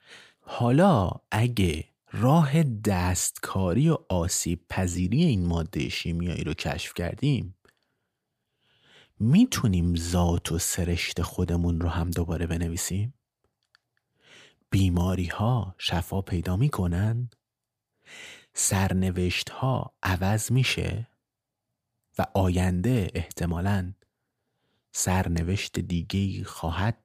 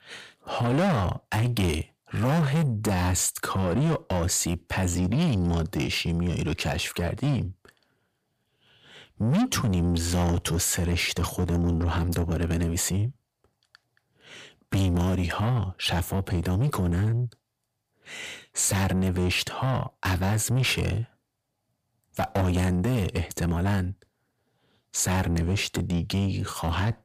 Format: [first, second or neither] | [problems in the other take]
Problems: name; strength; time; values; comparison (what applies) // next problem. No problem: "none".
first | distortion; heavy; 8 dB below the speech